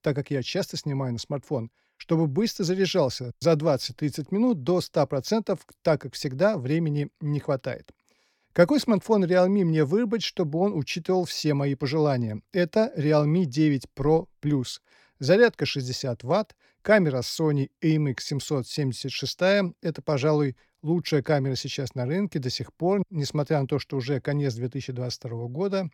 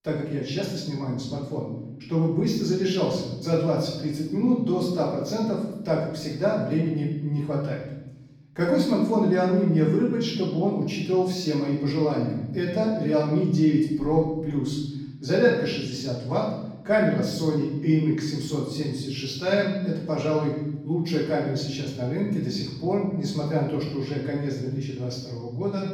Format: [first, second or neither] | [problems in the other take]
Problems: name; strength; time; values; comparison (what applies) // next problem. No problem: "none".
first | off-mic speech; far // room echo; noticeable; dies away in 1.1 s